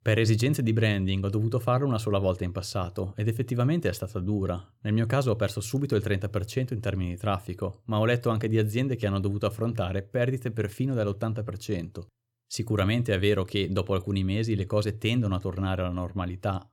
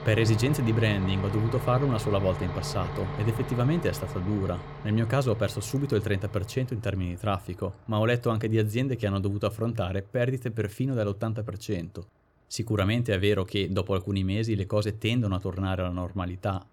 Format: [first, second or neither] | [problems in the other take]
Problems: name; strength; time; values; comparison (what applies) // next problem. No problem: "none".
first | traffic noise; loud; throughout; 9 dB below the speech